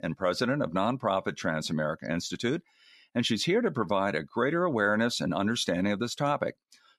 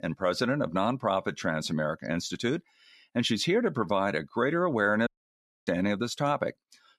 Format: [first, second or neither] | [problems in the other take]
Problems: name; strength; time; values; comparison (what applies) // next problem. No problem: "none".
first | audio cutting out; at 5 s for 0.5 s